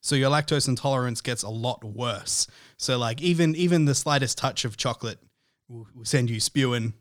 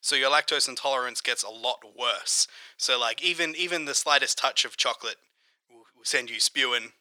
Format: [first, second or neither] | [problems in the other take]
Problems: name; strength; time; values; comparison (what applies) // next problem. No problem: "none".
first | thin; very; fading below 500 Hz